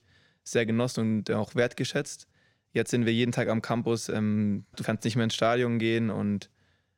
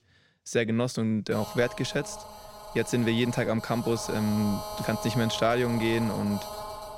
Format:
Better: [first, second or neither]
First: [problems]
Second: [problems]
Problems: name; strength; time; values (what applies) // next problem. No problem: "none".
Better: first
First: none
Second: phone ringing; noticeable; from 1.5 s on; peak 8 dB below the speech